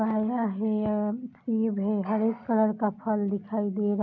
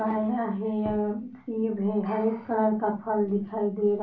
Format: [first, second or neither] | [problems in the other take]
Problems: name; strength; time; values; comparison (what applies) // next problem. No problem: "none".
first | room echo; dies away in 0.2 s